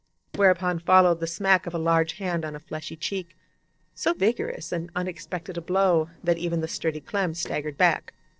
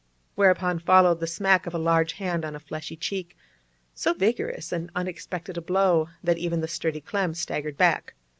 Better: second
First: noise reduction (neural separator model SepFormer DNS4)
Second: none

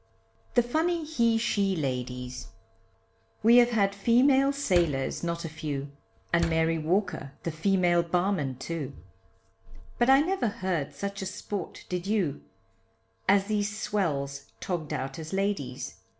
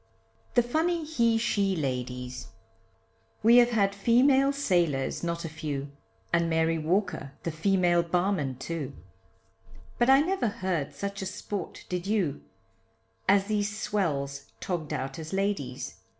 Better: second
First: background sound (Slam); 12 dB below the speech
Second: none

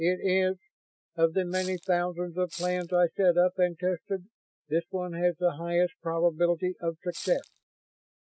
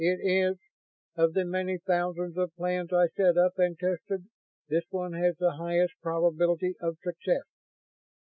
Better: second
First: background sound (Rattle (instrument)); 15 dB below the speech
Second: none

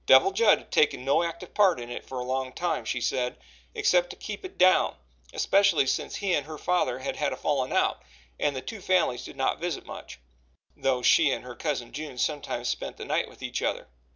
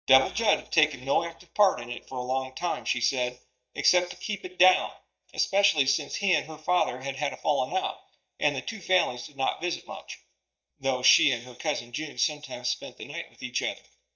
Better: first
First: none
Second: noise reduction (neural mask model DeepFilterNet 3)

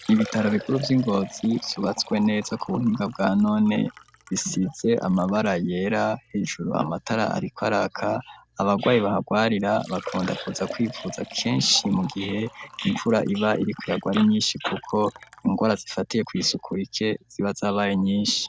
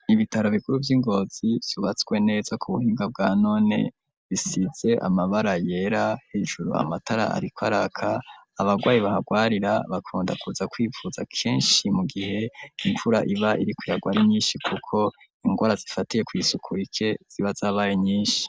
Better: second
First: background sound (Liquid); 19 dB below the speech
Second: none

